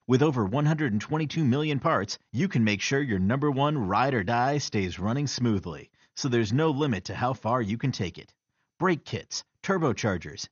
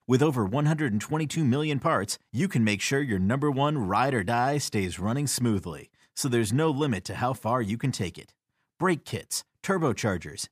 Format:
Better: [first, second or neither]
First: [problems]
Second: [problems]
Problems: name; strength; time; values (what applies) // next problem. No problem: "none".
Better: second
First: garbled, watery; slightly; nothing above 6.5 kHz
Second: none